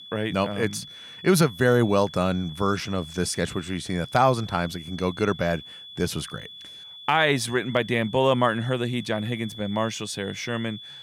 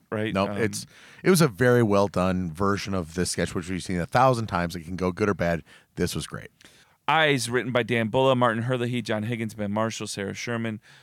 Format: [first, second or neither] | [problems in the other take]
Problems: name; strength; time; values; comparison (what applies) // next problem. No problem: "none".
second | high-pitched whine; noticeable; throughout; 3.5 kHz, 15 dB below the speech